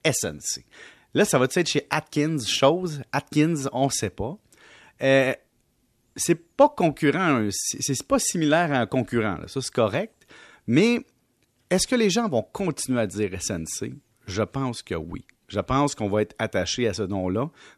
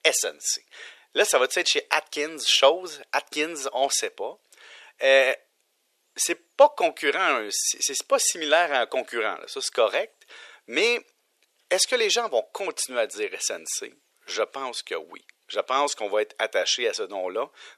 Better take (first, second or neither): first